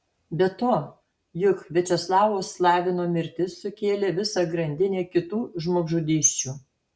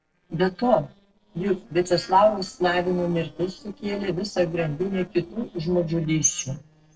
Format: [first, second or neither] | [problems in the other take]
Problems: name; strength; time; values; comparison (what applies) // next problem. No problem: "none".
first | noise reduction (neural separator model SepFormer DNS4)